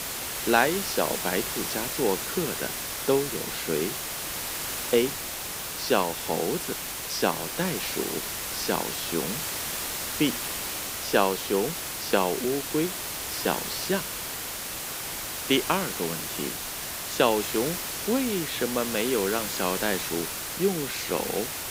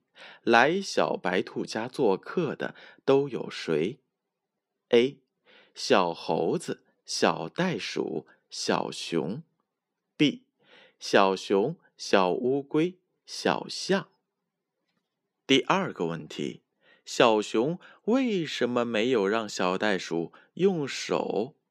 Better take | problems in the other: second | hiss; loud; throughout; 2 dB below the speech

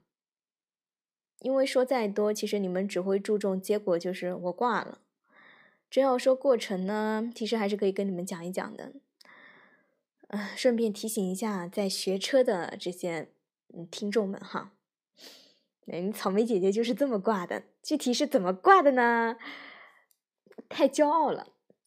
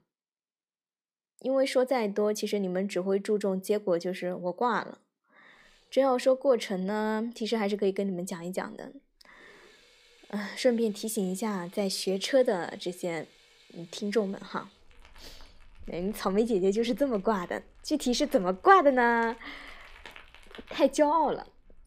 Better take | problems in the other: first | household noises; faint; from 5.5 s on; 25 dB below the speech

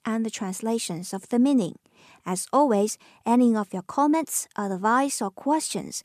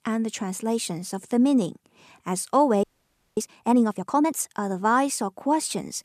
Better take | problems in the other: first | audio freezing; at 3 s for 0.5 s

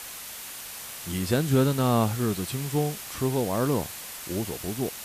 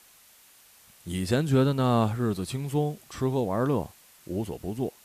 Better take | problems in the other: second | hiss; loud; throughout; 9 dB below the speech; faint in the second

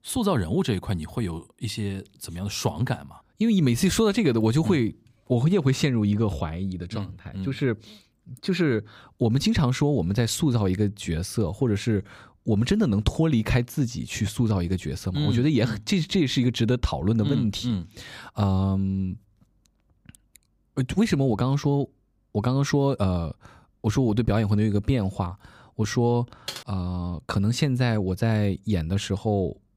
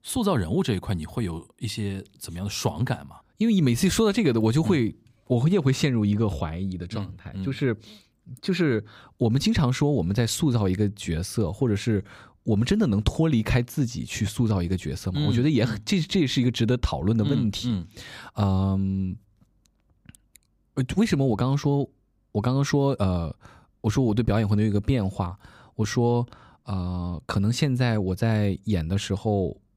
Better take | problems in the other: second | keyboard typing; faint; at 26 s; peak 10 dB below the speech

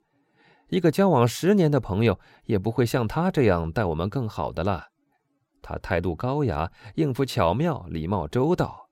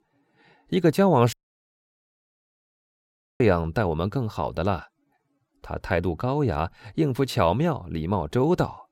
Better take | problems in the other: first | audio cutting out; at 1.5 s for 2 s

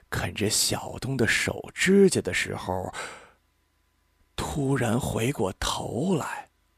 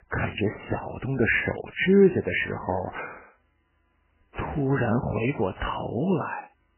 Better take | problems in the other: first | garbled, watery; badly; nothing above 3 kHz

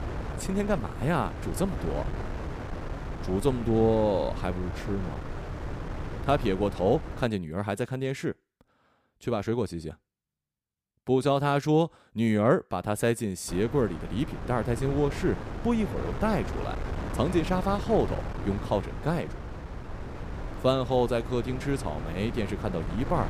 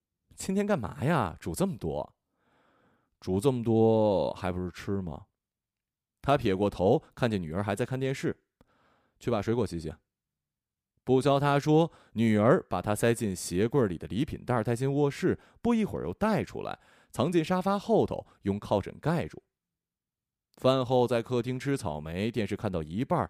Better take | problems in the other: second | wind noise on the microphone; occasional gusts; until 7 s and from 13 s on; 10 dB below the speech

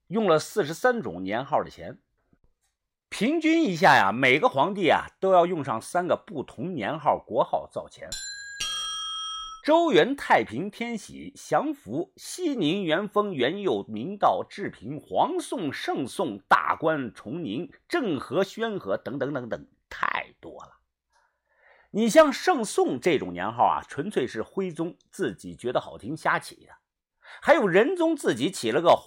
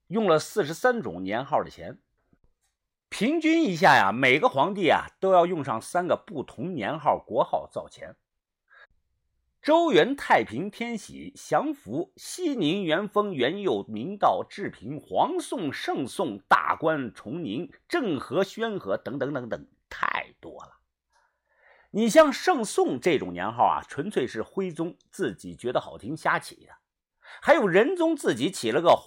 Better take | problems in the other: second | doorbell; noticeable; from 8 to 9.5 s; peak 3 dB below the speech

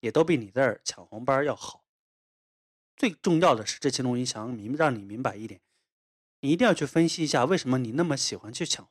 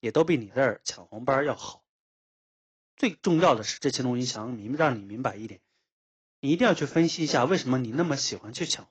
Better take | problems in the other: first | garbled, watery; badly

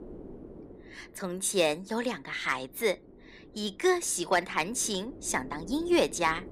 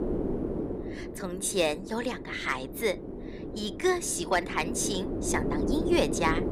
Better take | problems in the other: first | wind noise on the microphone; heavy; 8 dB below the speech; occasional gusts in the first

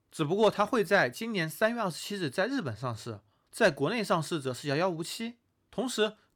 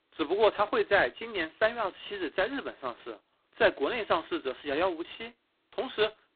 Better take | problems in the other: first | phone-call audio; poor line; nothing above 4 kHz

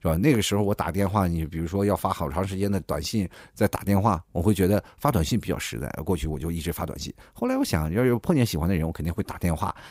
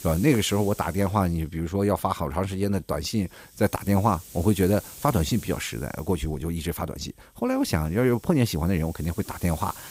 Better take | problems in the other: first | hiss; noticeable; throughout; 20 dB below the speech

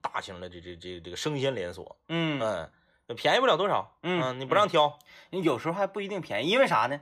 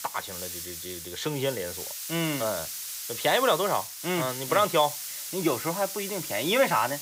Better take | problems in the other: first | hiss; loud; throughout; 7 dB below the speech

